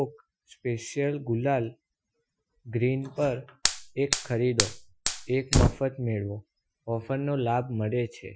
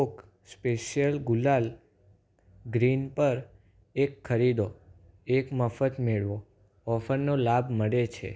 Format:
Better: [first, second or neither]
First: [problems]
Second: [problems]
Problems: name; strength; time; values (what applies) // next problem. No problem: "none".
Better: second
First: noise reduction (classical method Wiener filter)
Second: none